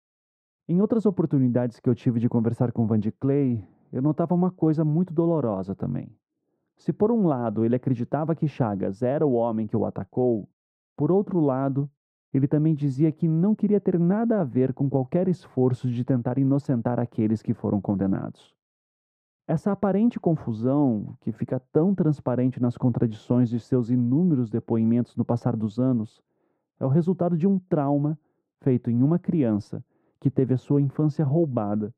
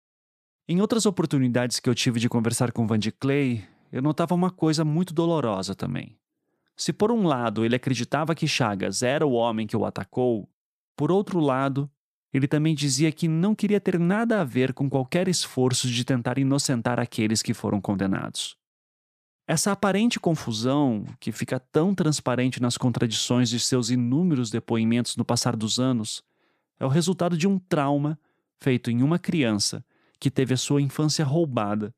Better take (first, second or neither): second